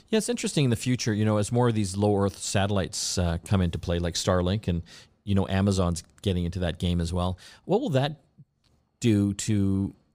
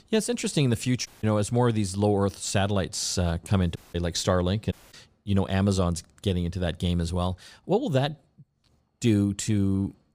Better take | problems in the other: first | audio cutting out; at 1 s, at 4 s and at 4.5 s

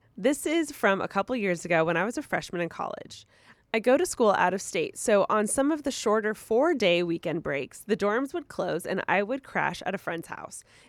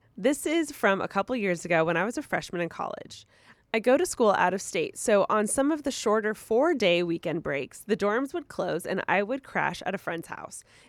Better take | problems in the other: neither | none

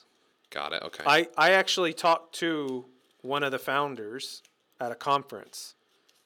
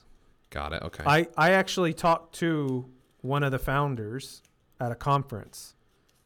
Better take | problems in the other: second | thin; somewhat; fading below 350 Hz

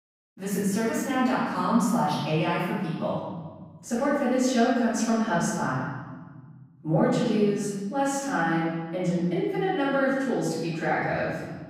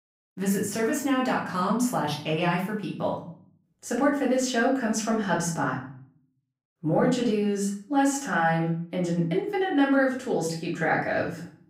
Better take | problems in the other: second | room echo; strong; dies away in 1.7 s; slight in the second // off-mic speech; far; far in the second

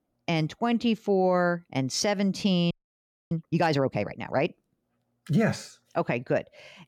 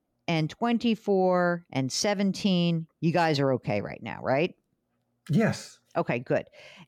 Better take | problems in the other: second | audio freezing; at 2.5 s for 0.5 s

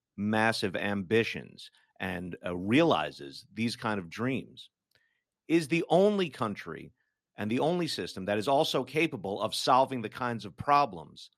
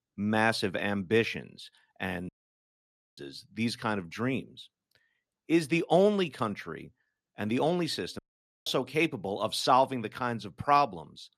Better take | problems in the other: first | audio cutting out; at 2.5 s for 1 s and at 8 s

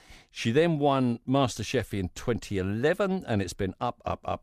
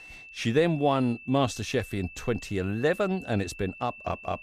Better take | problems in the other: first | high-pitched whine; noticeable; throughout; 2.5 kHz, 15 dB below the speech

